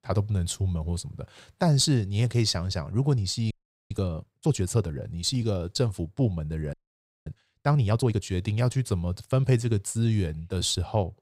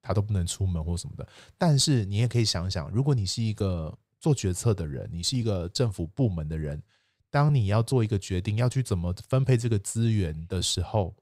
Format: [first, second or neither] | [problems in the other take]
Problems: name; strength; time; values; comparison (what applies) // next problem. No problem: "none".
second | audio freezing; at 3.5 s and at 6.5 s for 0.5 s